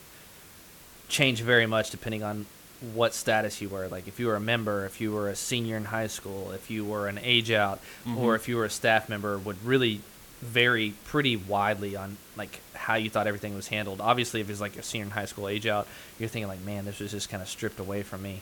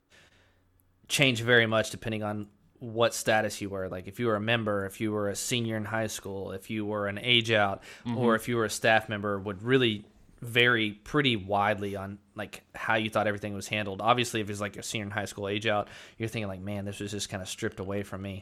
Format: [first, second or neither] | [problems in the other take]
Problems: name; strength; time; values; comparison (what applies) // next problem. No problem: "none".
second | hiss; noticeable; throughout; 20 dB below the speech